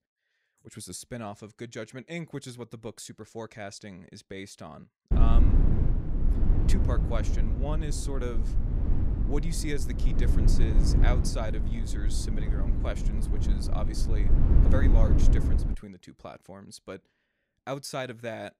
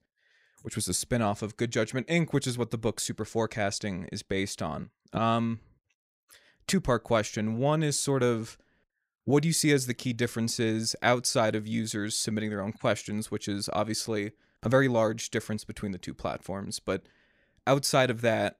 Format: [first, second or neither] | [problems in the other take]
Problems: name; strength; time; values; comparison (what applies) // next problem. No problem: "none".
second | low rumble; loud; from 5 to 16 s; 2 dB below the speech